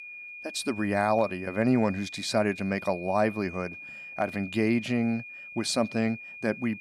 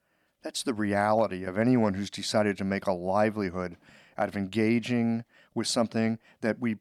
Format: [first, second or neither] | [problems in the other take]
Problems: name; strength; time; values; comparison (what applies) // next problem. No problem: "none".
second | high-pitched whine; noticeable; throughout; 2.5 kHz, 10 dB below the speech